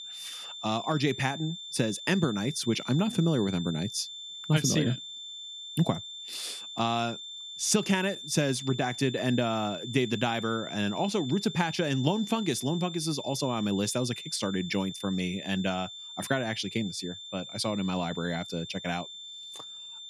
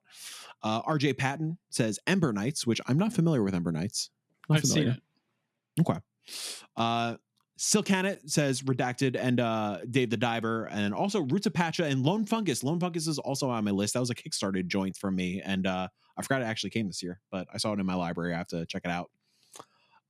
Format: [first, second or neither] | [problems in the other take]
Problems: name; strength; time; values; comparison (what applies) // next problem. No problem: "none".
second | high-pitched whine; loud; throughout; 3.5 kHz, 10 dB below the speech